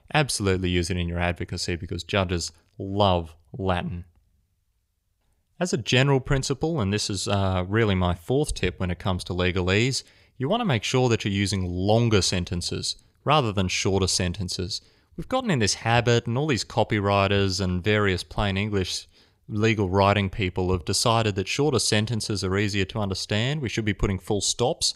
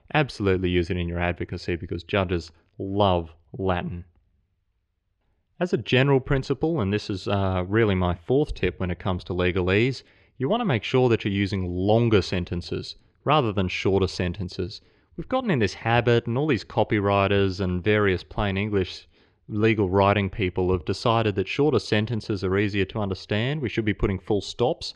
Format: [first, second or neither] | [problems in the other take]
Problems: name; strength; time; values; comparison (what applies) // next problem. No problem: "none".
first | muffled; slightly; fading above 2.5 kHz